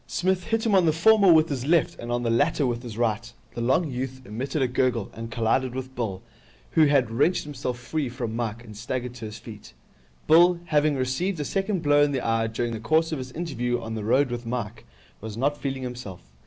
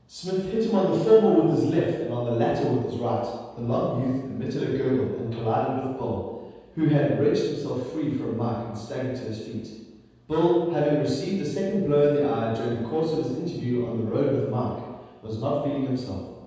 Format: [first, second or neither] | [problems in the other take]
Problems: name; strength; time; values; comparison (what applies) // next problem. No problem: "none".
first | room echo; dies away in 1.2 s